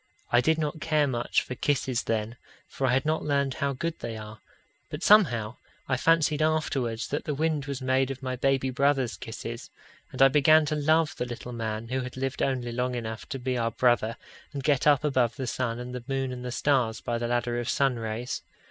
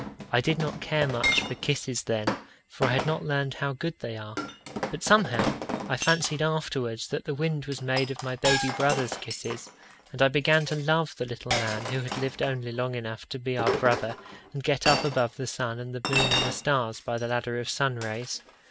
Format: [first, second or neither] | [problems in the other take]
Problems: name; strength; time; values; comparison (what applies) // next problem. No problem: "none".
first | background sound (Chink, clink); 5 dB below the speech